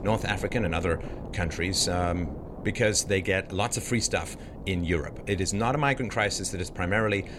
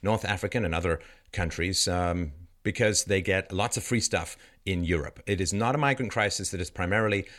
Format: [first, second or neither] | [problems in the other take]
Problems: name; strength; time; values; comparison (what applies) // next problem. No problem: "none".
second | wind noise on the microphone; occasional gusts; 15 dB below the speech